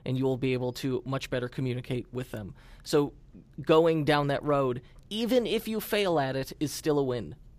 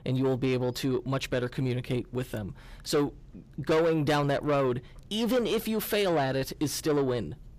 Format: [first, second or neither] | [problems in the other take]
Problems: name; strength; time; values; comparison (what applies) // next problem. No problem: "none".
first | distortion; slight; 10 dB below the speech